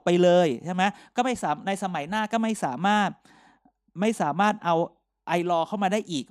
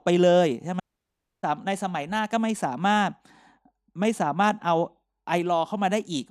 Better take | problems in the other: first | audio cutting out; at 1 s for 0.5 s

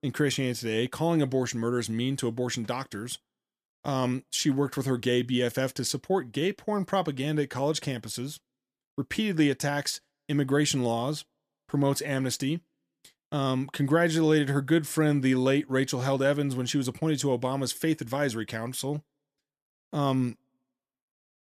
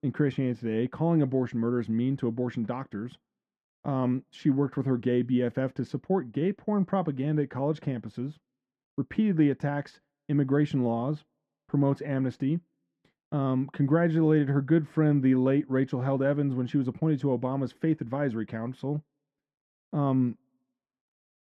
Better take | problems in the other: first | muffled; very; fading above 4 kHz

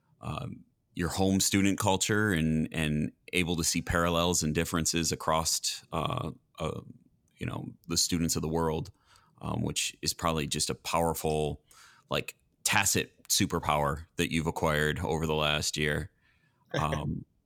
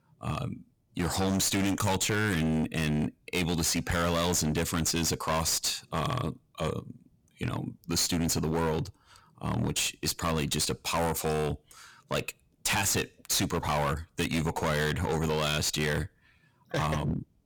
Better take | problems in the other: first | distortion; heavy; 18% of the sound clipped

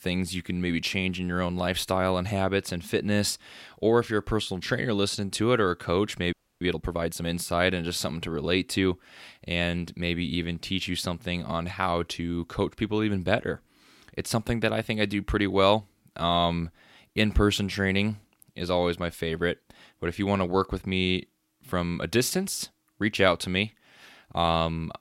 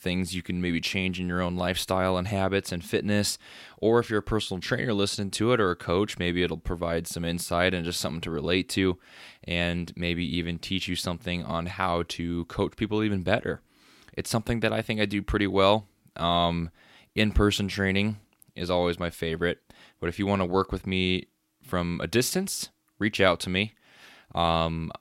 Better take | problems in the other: second | audio freezing; at 6.5 s

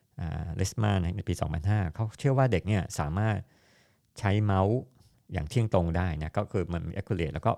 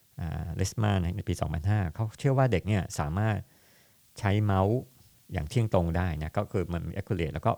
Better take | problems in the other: first | hiss; faint; throughout; 30 dB below the speech

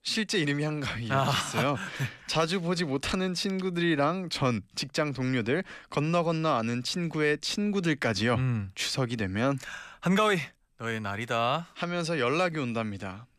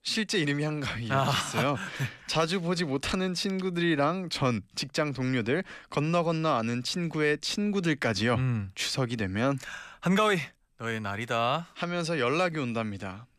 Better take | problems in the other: neither | none

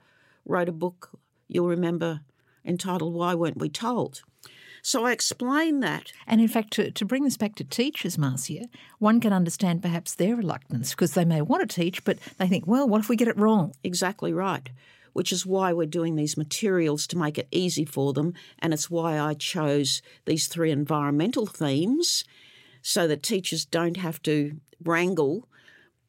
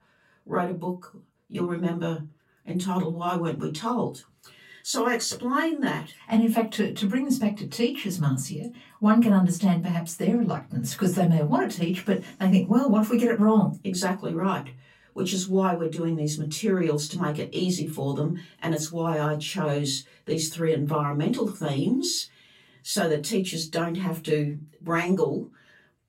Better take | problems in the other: first | off-mic speech; far // room echo; very slight; dies away in 0.2 s

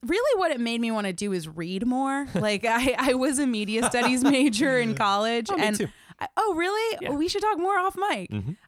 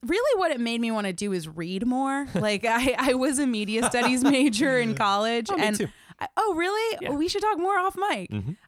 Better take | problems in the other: neither | none

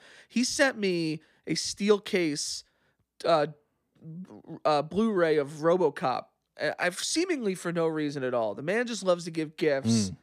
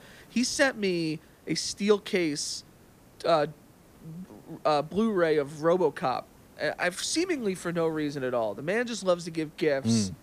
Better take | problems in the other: first | hiss; faint; throughout; 25 dB below the speech

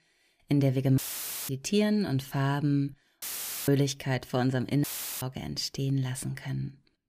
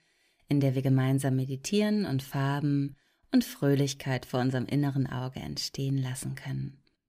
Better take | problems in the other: second | audio cutting out; filled with static; at 1 s for 0.5 s, at 3 s and at 5 s

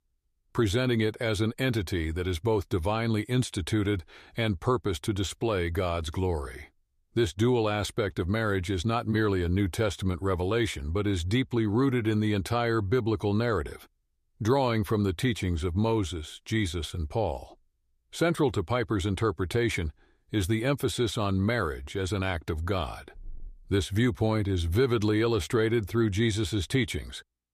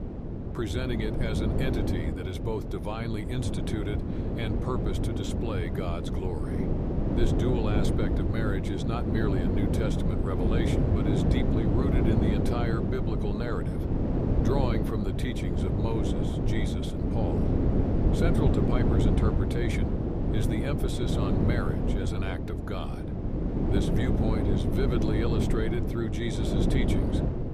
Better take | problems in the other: first | wind noise on the microphone; heavy; 2 dB above the speech

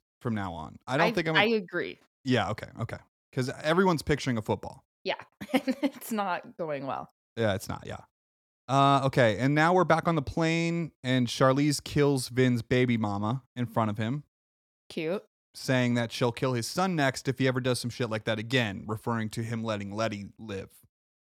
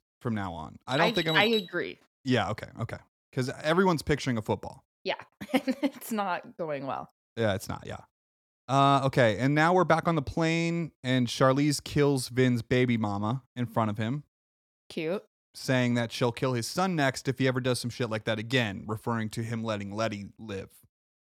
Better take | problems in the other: first | alarm; noticeable; at 1 s; peak 3 dB below the speech

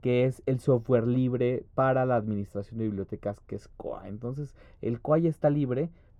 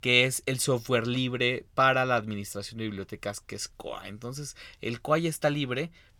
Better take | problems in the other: second | muffled; very; fading above 1.5 kHz

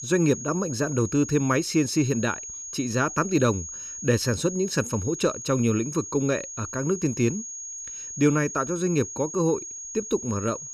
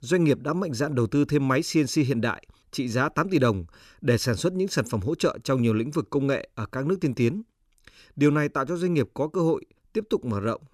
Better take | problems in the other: second | high-pitched whine; loud; throughout; 6.5 kHz, 9 dB below the speech

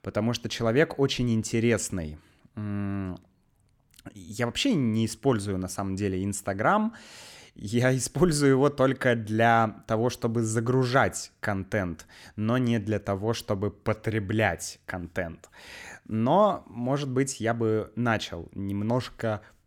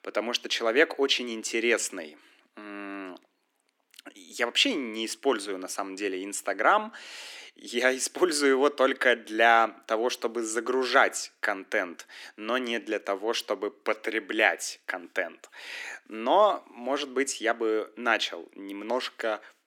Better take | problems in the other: first | thin; somewhat; fading below 300 Hz

